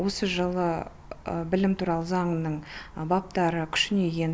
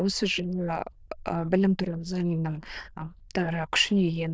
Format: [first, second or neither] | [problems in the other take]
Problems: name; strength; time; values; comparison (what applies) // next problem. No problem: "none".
first | noise reduction (neural diffusion model UNIVERSE++)